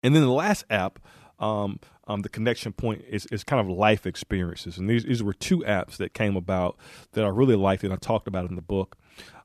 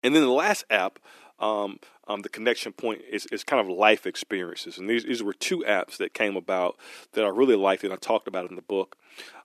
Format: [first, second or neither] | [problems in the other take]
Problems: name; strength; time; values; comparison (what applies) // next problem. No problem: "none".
first | thin; somewhat; fading below 300 Hz